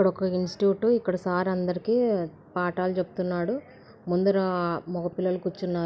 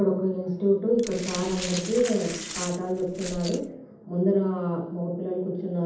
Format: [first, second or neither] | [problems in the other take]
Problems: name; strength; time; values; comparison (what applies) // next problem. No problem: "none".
first | background sound (Glass); 11 dB below the speech // room echo; dies away in 0.8 s